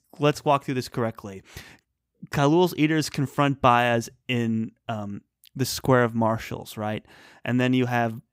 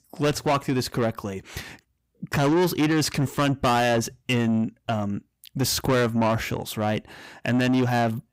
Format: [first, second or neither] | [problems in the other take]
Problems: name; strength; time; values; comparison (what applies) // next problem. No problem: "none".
first | distortion; heavy; 6 dB below the speech